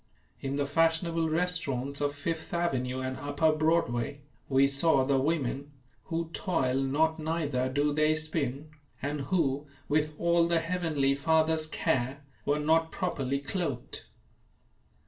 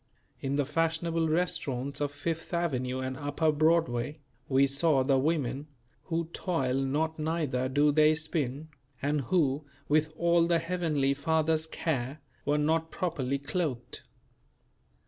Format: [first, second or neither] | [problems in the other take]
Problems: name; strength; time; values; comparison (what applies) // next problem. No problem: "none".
second | room echo; dies away in 0.2 s